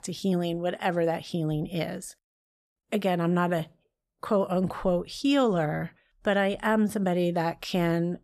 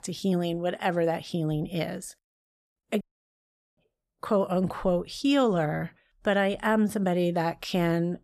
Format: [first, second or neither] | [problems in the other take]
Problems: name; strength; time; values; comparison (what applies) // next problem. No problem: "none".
first | audio cutting out; at 3 s for 1 s